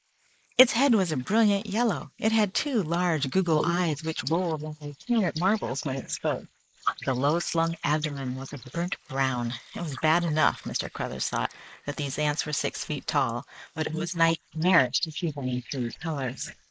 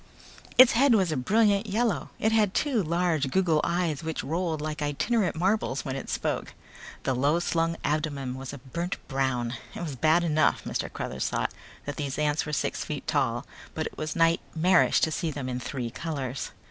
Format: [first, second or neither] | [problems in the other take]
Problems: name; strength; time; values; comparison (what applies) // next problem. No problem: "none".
second | noise reduction (neural mask model Resemble Enhance denoiser)